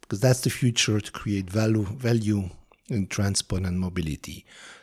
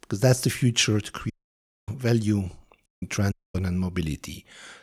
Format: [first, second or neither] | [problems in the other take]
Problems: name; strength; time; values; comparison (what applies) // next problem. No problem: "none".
first | audio cutting out; at 1.5 s for 0.5 s, at 3 s and at 3.5 s